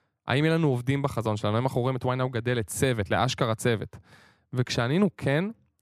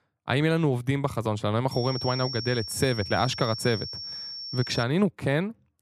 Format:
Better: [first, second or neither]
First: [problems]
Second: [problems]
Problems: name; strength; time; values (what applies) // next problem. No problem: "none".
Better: first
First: none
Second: high-pitched whine; loud; from 1.5 to 5 s; 5.5 kHz, 7 dB below the speech